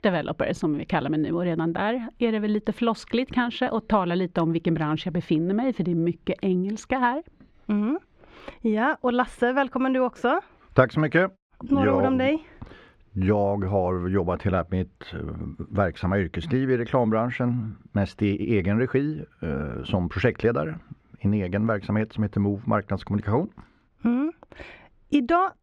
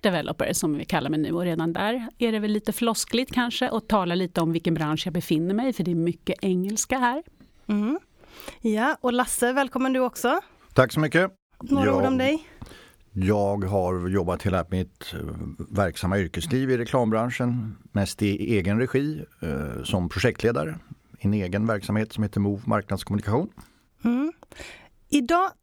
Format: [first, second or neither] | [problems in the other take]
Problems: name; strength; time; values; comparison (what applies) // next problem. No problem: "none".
second | muffled; slightly; fading above 2.5 kHz